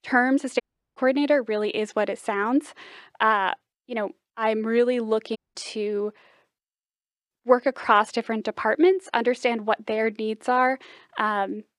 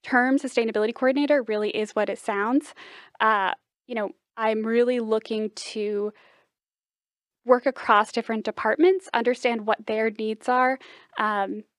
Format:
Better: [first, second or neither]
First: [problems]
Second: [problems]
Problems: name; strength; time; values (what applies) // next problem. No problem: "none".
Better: second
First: audio cutting out; at 0.5 s and at 5.5 s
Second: none